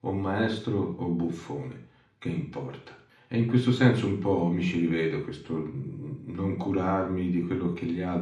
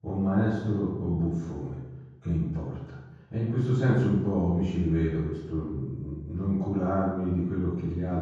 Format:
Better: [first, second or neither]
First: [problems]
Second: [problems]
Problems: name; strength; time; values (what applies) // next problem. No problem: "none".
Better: first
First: room echo; slight; dies away in 0.5 s // off-mic speech; somewhat distant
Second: room echo; strong; dies away in 1.3 s // off-mic speech; far